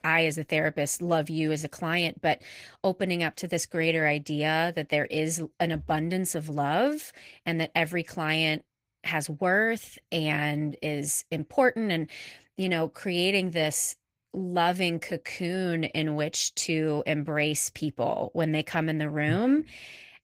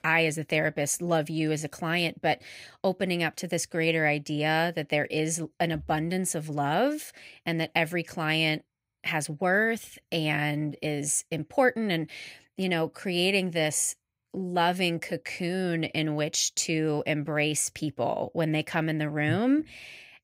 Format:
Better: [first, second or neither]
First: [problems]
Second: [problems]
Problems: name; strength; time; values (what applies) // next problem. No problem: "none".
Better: second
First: garbled, watery; slightly; nothing above 15.5 kHz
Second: none